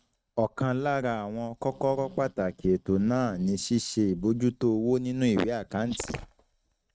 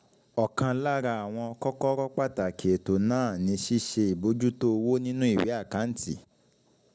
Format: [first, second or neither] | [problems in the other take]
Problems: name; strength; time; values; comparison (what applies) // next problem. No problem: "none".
second | noise reduction (neural mask model RNNoise)